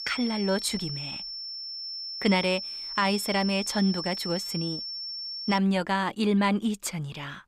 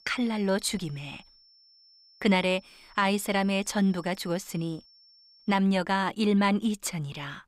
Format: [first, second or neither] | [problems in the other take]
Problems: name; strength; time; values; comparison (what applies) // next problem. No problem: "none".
second | high-pitched whine; loud; until 5.5 s; 5.5 kHz, 6 dB below the speech; faint in the second